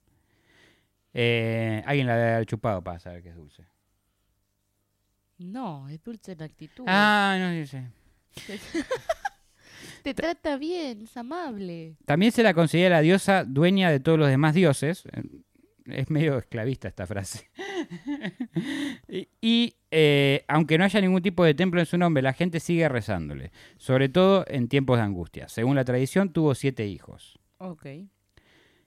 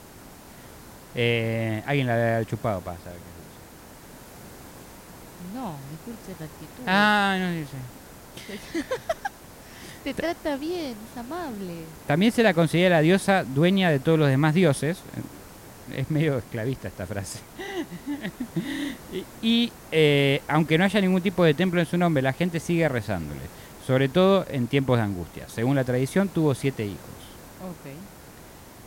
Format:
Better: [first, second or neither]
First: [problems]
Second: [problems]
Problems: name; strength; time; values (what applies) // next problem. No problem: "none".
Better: first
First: none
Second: hiss; faint; throughout; 20 dB below the speech